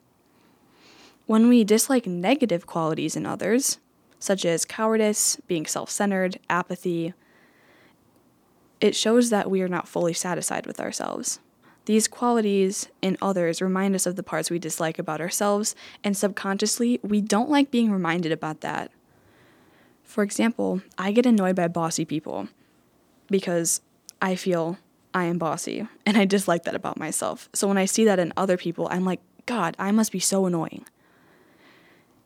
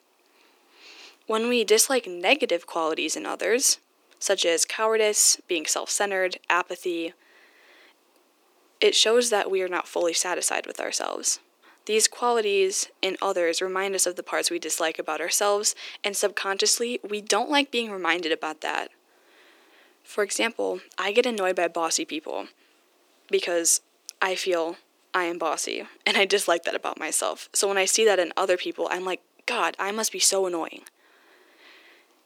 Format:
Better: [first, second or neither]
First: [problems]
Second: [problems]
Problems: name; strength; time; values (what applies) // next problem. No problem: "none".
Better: first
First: none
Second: thin; very; fading below 350 Hz